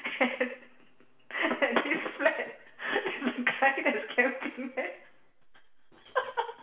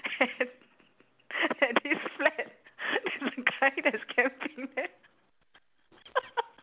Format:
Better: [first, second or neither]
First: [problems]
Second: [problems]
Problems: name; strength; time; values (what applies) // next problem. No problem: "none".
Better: second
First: room echo; dies away in 0.7 s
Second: none